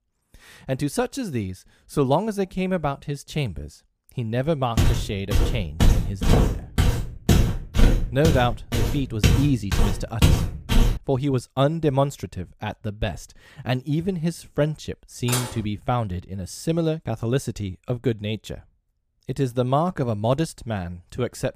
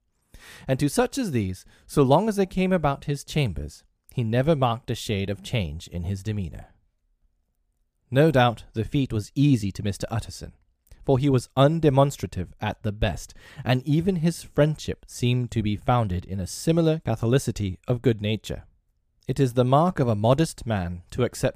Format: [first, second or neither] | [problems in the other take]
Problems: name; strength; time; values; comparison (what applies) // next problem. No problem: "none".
second | footsteps; loud; from 5 to 11 s; peak 6 dB above the speech // clattering dishes; noticeable; at 15 s; peak 1 dB below the speech